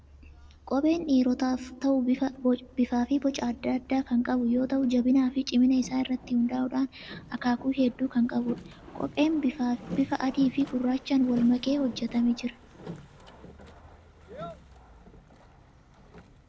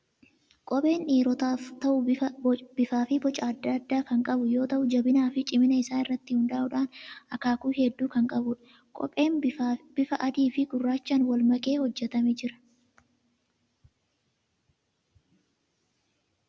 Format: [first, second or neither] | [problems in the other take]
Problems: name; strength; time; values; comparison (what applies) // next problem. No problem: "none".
second | background sound (Boat, Water vehicle); 18 dB below the speech